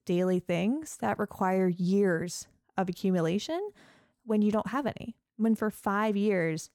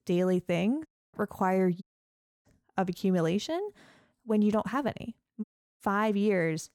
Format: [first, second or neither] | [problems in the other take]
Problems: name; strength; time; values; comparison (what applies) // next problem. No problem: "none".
first | audio cutting out; at 1 s, at 2 s for 0.5 s and at 5.5 s